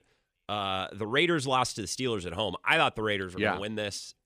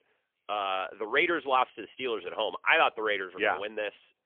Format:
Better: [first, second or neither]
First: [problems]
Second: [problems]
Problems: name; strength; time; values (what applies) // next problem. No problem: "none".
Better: first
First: none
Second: phone-call audio; poor line; nothing above 3.5 kHz